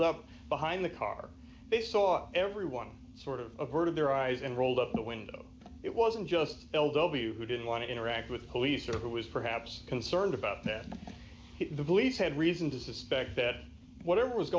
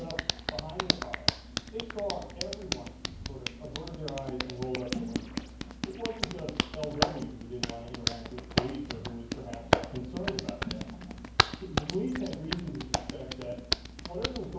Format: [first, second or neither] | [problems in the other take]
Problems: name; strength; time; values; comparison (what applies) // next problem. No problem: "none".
first | background sound (Hands); 4 dB above the speech // room echo; dies away in 0.9 s